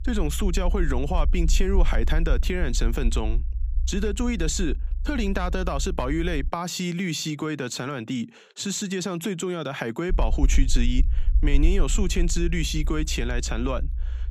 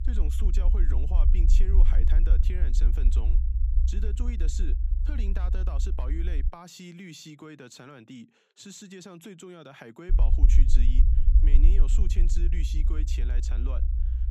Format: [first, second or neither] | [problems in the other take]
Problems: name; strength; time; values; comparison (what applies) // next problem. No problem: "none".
first | low rumble; loud; until 6.5 s and from 10 s on; 4 dB below the speech; faint in the first